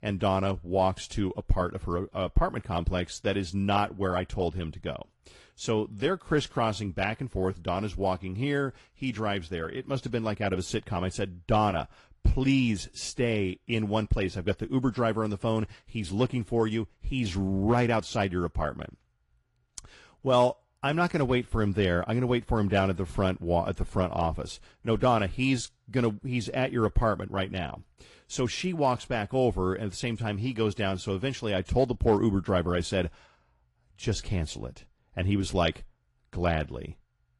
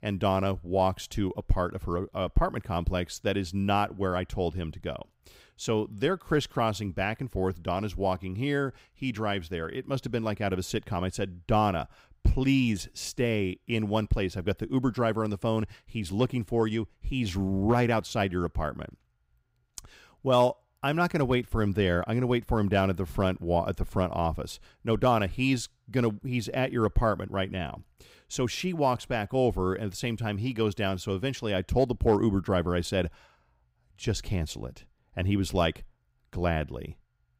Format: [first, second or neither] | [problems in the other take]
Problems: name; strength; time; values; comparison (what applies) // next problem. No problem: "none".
second | garbled, watery; slightly; nothing above 11 kHz